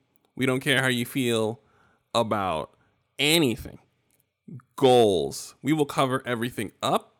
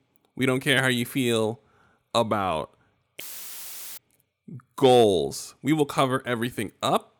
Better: first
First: none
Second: audio cutting out; filled with static; at 3 s for 1 s

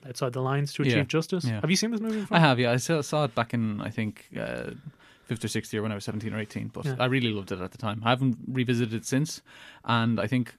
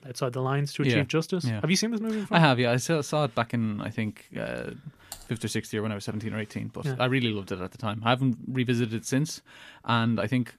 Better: first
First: none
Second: keyboard typing; faint; at 5 s; peak 15 dB below the speech

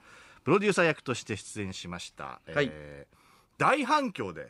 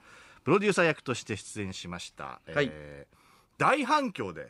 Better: neither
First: none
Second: none

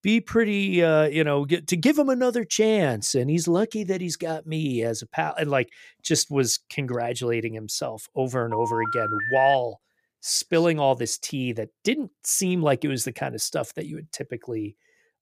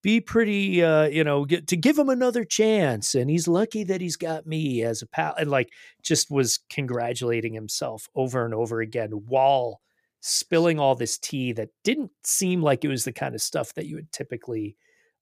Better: second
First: phone ringing; noticeable; from 8.5 to 9.5 s; peak 2 dB below the speech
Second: none

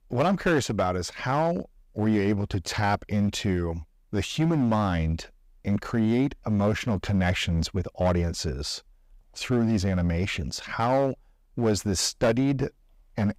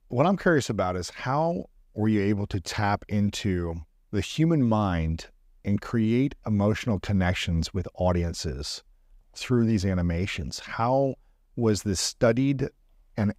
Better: second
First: distortion; slight; 7% of the sound clipped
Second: none

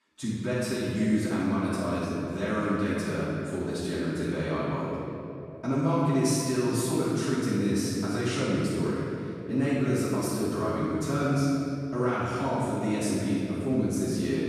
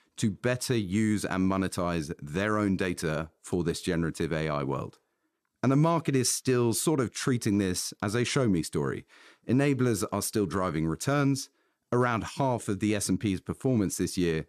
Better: second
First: room echo; strong; dies away in 2.5 s // off-mic speech; far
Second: none

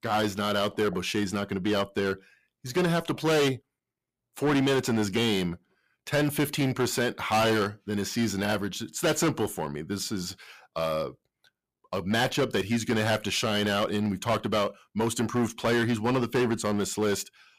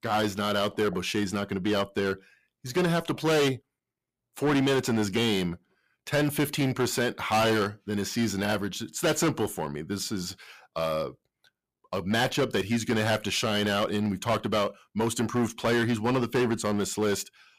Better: neither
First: distortion; heavy; 9% of the sound clipped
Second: distortion; heavy; 9% of the sound clipped

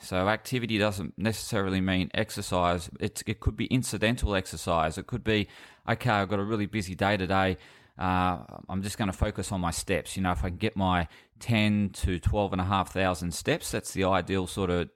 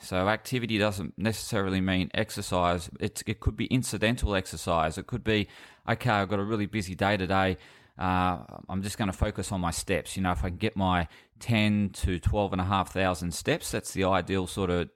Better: neither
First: none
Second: none

